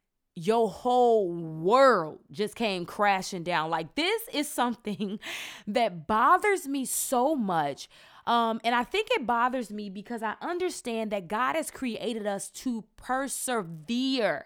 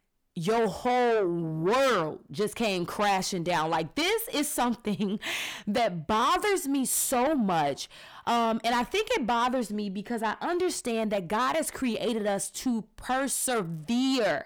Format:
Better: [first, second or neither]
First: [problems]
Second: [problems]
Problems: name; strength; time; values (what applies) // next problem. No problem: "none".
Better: first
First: none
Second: distortion; heavy; 7 dB below the speech